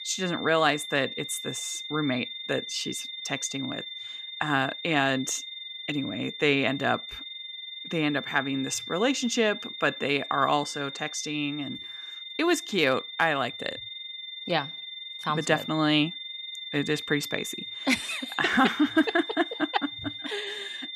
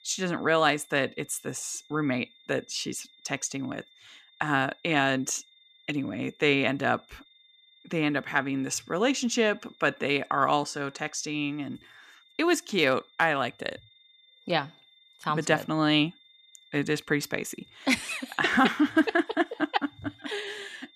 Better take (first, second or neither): second